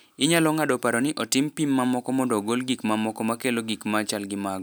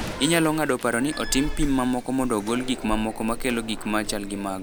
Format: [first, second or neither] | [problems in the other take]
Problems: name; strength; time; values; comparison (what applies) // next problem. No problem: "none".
first | background sound (Slam); 8 dB below the speech